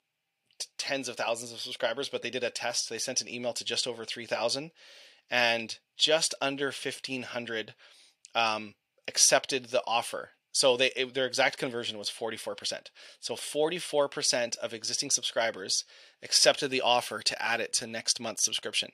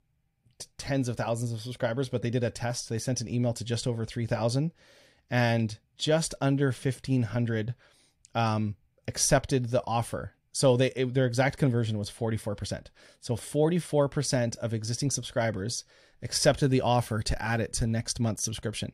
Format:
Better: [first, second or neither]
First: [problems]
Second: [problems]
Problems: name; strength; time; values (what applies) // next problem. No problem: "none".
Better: second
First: thin; somewhat; fading below 450 Hz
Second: none